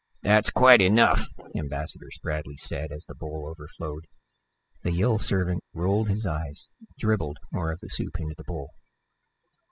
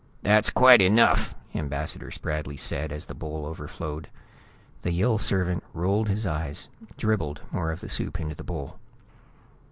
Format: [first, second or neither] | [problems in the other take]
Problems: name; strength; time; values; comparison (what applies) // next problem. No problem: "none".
second | noise reduction (classical method spectral subtraction)